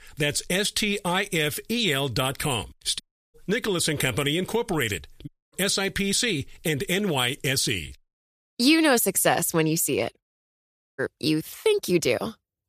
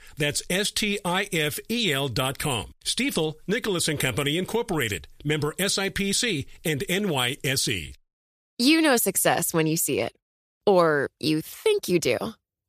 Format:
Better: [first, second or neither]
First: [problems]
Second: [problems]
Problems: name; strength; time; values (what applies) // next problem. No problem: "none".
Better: second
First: audio cutting out; at 3 s, at 5.5 s and at 11 s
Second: none